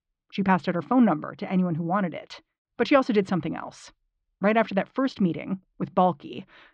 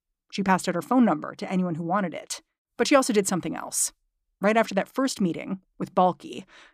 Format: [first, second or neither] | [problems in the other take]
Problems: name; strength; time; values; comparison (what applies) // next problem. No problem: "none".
second | muffled; slightly; fading above 4 kHz